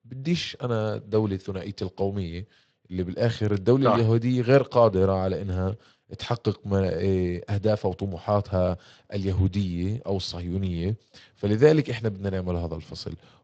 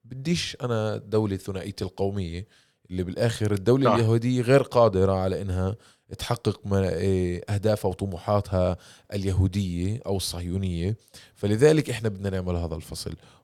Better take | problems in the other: second | garbled, watery; slightly

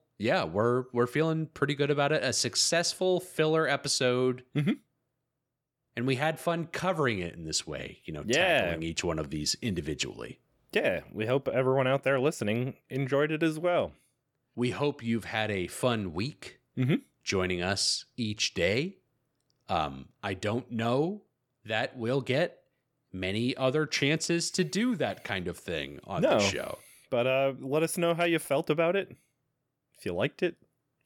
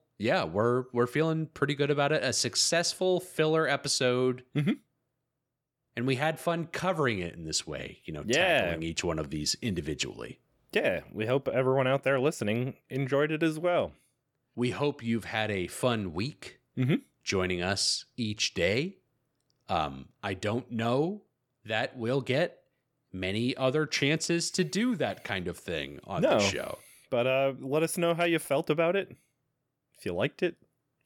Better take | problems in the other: neither | none

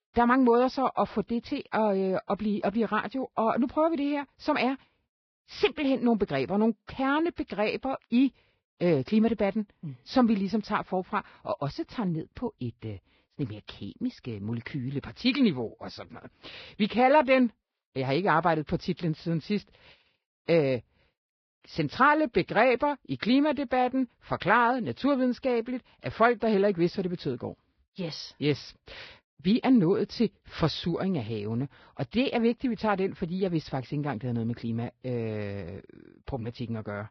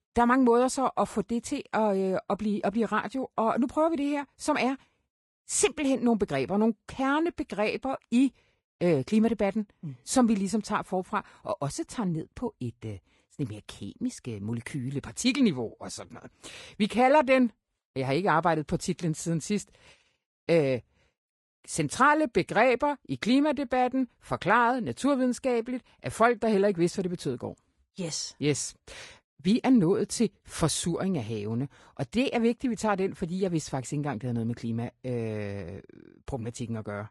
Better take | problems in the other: second | garbled, watery; badly; nothing above 5.5 kHz; slightly in the second

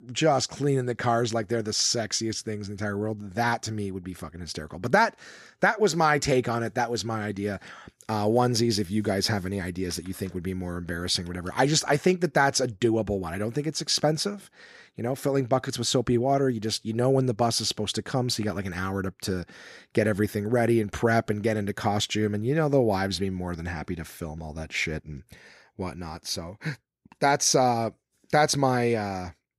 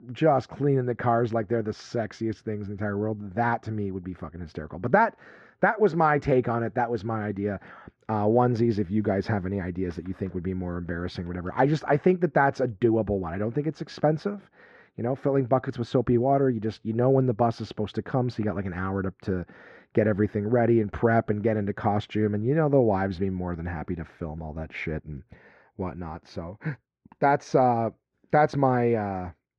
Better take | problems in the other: first | muffled; very; fading above 1.5 kHz

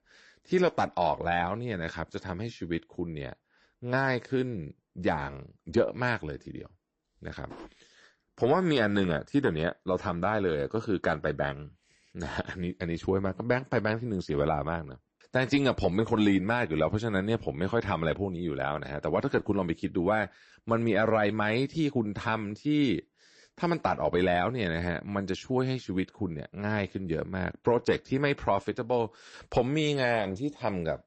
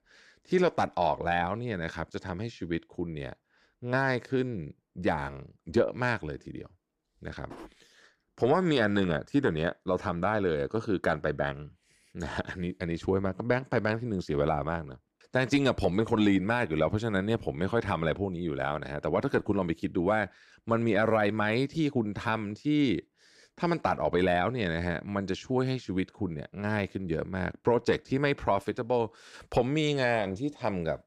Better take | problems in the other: second | garbled, watery; slightly; nothing above 8 kHz

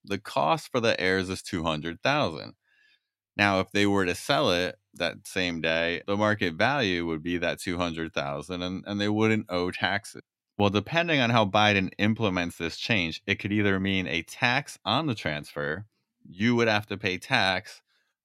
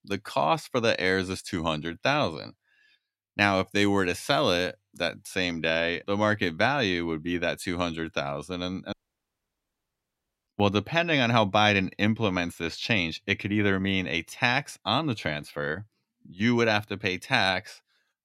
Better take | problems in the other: first | audio cutting out; at 9 s for 1.5 s

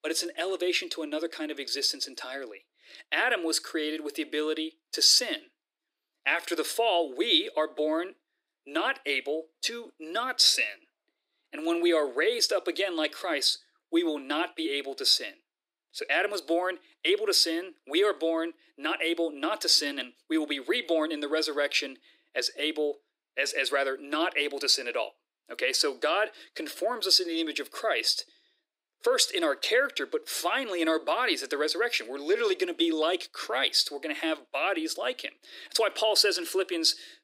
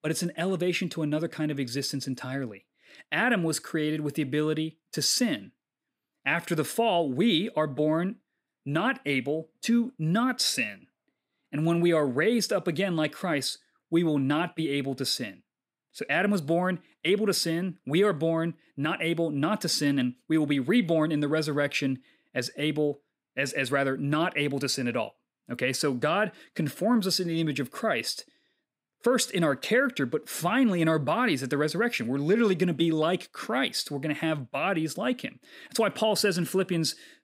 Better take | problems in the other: second | thin; very; fading below 300 Hz

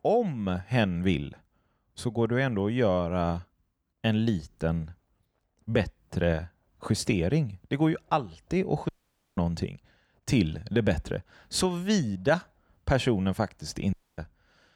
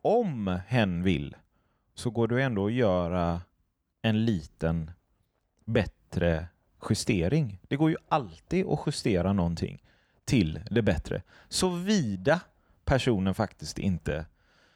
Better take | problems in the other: second | audio cutting out; at 9 s and at 14 s

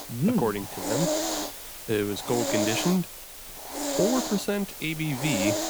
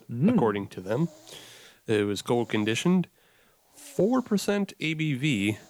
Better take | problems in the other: second | hiss; loud; throughout; 3 dB below the speech; faint in the second

